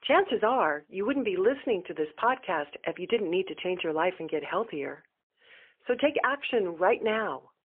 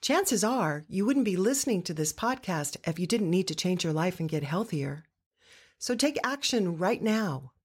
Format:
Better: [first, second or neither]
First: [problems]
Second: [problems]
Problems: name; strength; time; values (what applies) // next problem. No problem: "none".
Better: second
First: phone-call audio; poor line; nothing above 3 kHz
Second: none